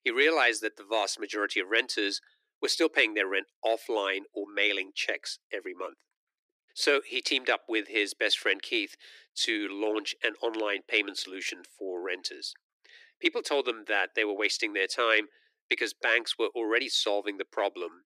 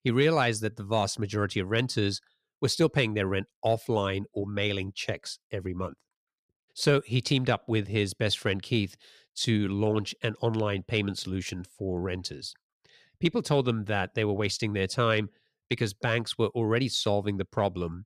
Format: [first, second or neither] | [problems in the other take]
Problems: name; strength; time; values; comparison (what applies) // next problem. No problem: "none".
second | thin; very; fading below 300 Hz